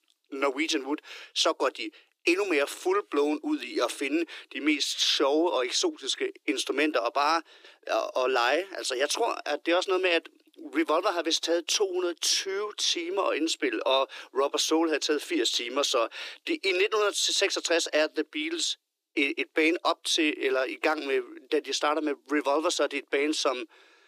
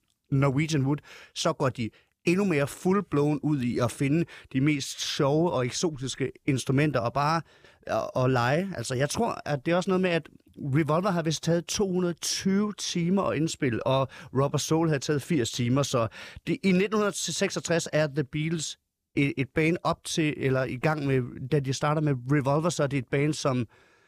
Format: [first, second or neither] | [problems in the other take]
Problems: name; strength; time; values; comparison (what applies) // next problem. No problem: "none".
second | thin; somewhat; fading below 300 Hz